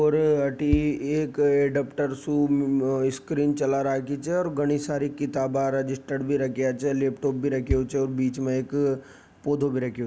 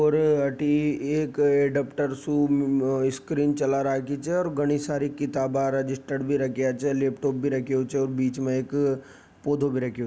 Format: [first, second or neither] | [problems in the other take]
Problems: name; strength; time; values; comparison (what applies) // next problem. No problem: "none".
second | background sound (Bass drum); 11 dB below the speech